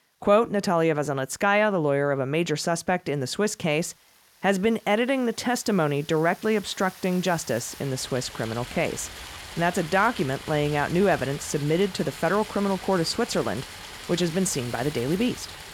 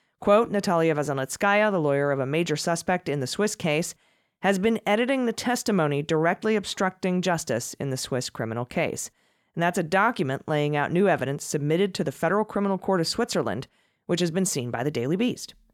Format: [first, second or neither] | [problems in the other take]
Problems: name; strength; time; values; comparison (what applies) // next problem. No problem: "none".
second | rain or running water; noticeable; throughout; 15 dB below the speech